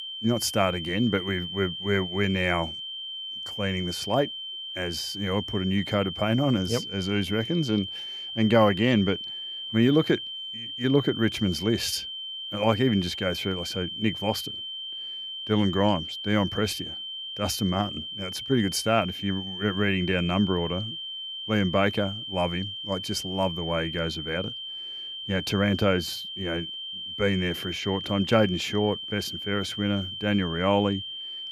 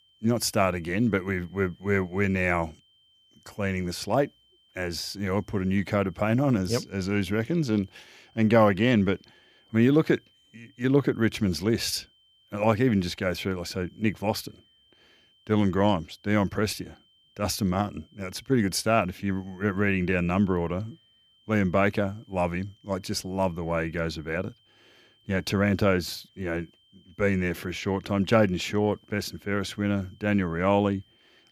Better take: second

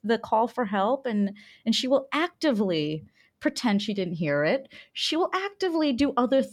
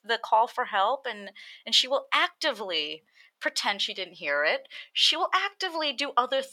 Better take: first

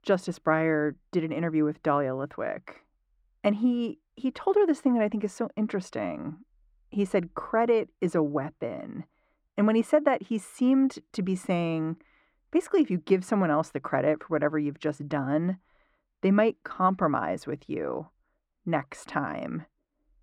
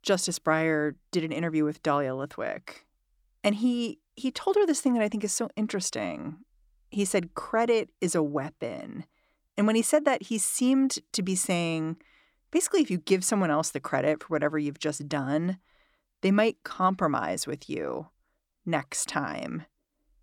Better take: second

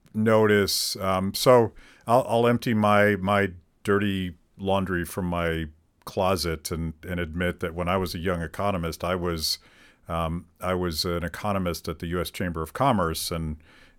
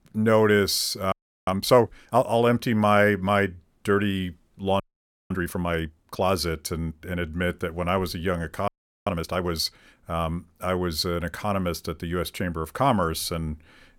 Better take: first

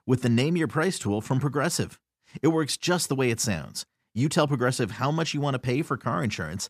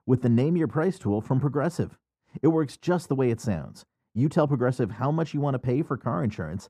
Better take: first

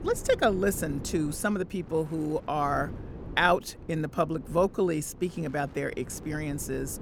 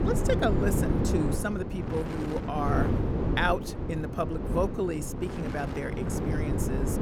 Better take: first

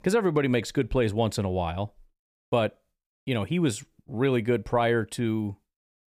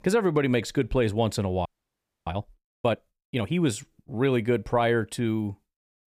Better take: first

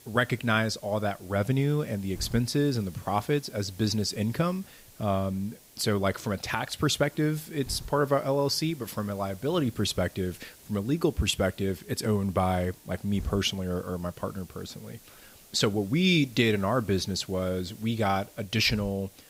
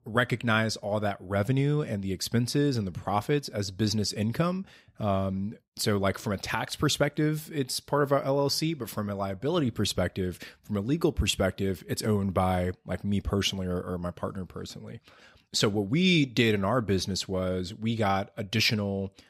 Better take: second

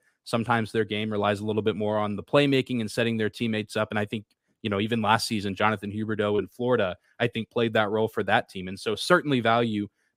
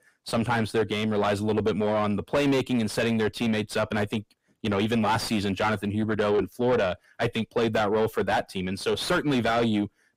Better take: first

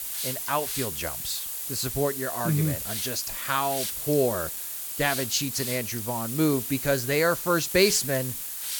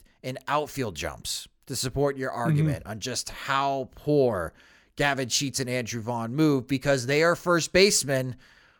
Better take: second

